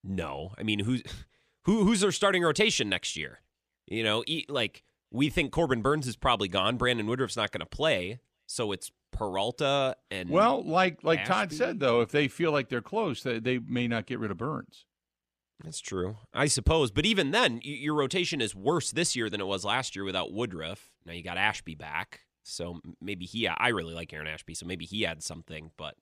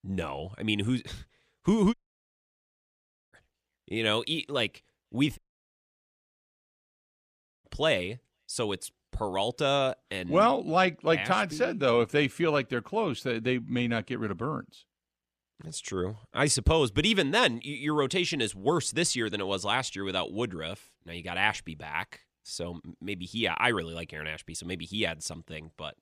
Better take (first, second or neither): first